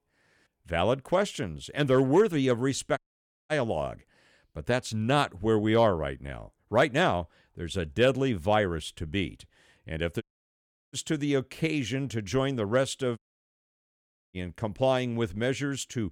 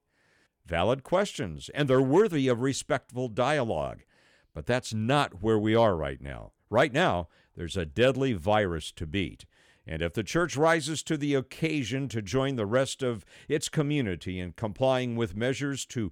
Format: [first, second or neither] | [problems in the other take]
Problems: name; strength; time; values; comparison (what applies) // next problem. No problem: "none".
second | audio cutting out; at 3 s for 0.5 s, at 10 s for 0.5 s and at 13 s for 1 s